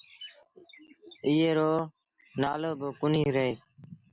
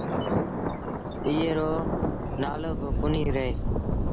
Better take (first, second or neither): first